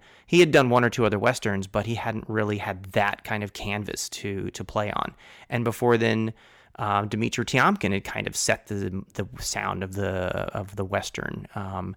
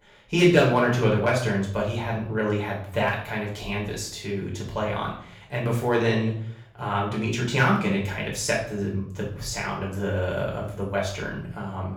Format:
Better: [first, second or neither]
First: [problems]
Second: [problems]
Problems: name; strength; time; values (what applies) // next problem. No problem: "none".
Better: first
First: none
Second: off-mic speech; far // room echo; noticeable; dies away in 0.6 s